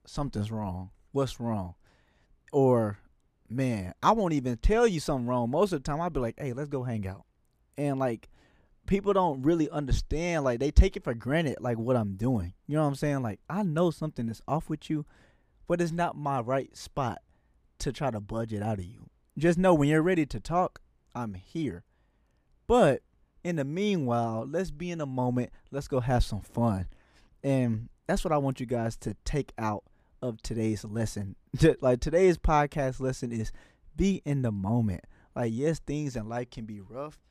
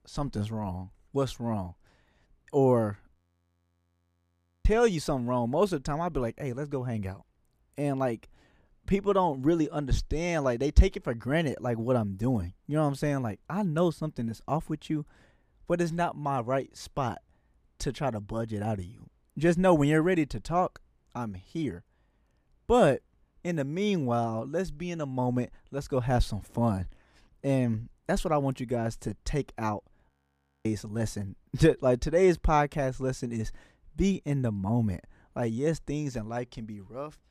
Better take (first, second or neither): first